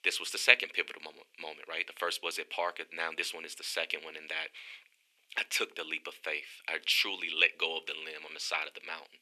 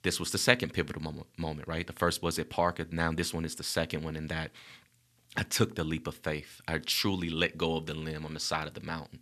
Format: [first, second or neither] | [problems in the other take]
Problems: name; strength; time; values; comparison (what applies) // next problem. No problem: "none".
second | thin; very; fading below 400 Hz